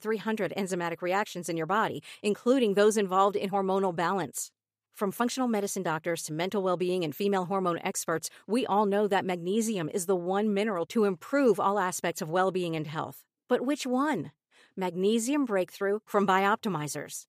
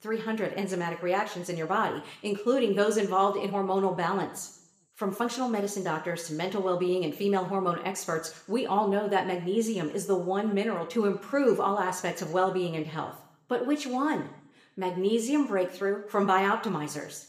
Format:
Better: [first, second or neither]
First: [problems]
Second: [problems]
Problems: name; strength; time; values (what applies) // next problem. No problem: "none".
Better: first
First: none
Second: room echo; very slight; dies away in 0.6 s